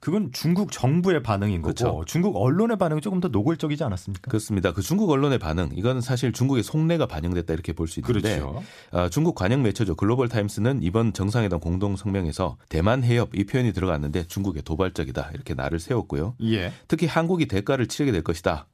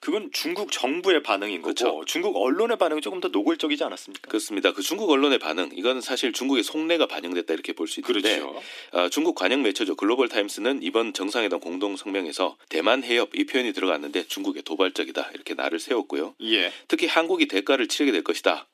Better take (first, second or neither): first